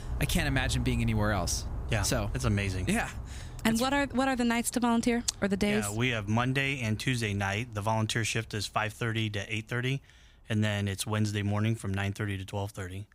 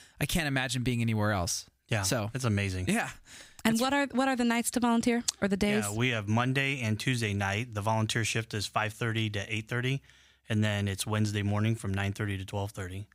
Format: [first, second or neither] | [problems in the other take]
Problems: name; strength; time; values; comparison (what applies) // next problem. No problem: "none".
second | animal sounds; noticeable; throughout; 10 dB below the speech